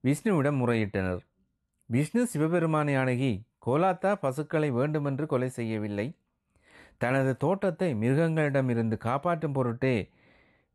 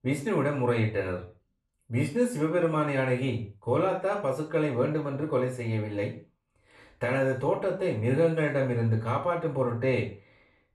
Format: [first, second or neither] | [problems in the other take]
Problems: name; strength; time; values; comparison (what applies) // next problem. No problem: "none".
first | room echo; slight; dies away in 0.3 s // off-mic speech; far